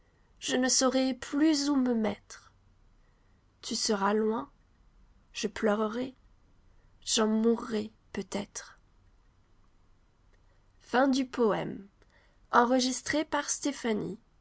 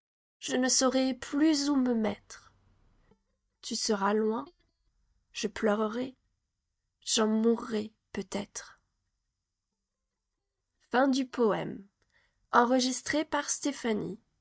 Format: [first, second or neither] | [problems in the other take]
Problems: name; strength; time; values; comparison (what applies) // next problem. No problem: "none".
first | noise reduction (neural mask model DeepFilterNet 3)